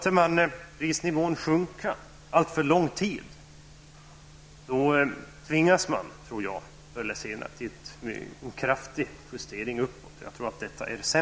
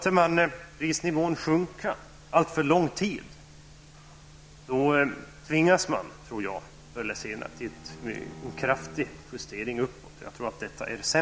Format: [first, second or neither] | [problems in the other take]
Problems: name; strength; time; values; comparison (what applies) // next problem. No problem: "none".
first | background sound (Bowed string instrument); 20 dB below the speech